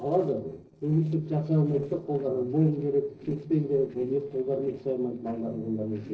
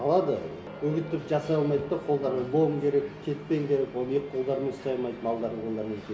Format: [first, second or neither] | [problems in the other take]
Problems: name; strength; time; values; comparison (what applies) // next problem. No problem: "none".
second | noise reduction (neural separator model SepFormer DNS4)